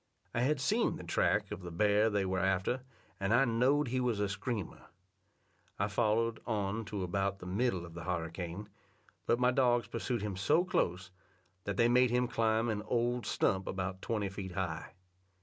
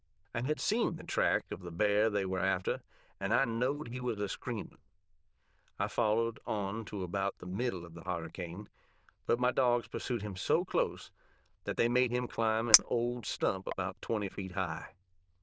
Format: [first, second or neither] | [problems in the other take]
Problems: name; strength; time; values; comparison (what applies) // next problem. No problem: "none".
first | noise reduction (neural diffusion model UNIVERSE++)